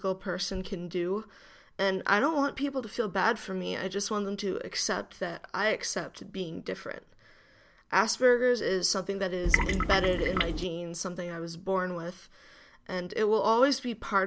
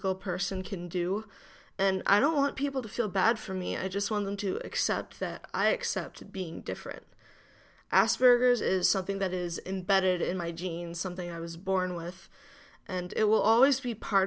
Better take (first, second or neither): second